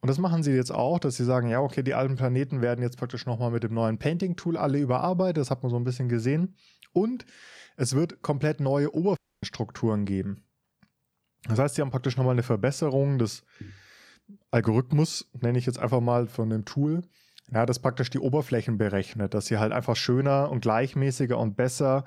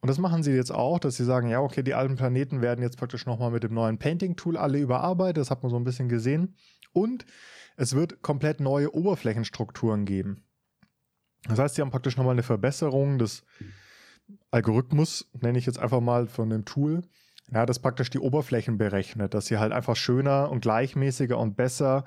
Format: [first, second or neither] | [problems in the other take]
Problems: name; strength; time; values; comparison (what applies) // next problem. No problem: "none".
second | audio cutting out; at 9 s